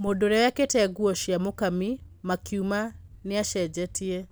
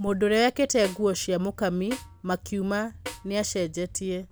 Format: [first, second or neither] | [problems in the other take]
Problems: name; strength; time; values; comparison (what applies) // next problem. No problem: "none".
first | background sound (Snare drum); 18 dB below the speech